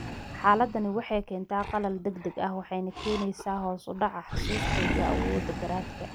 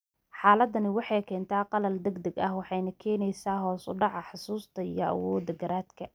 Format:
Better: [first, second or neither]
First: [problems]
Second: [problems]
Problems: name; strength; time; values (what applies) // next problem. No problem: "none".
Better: second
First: background sound (Animal); 4 dB below the speech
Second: none